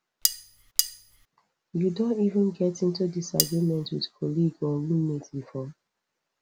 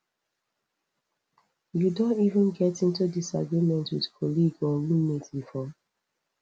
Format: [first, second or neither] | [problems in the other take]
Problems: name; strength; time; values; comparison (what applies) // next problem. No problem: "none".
second | background sound (Cutlery, silverware); 1 dB below the speech